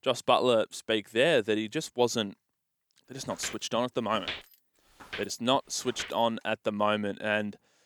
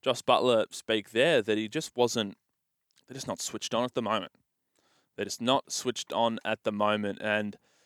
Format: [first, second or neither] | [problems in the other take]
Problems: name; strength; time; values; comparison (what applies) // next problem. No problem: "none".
second | footsteps; noticeable; from 3.5 to 6 s; peak 8 dB below the speech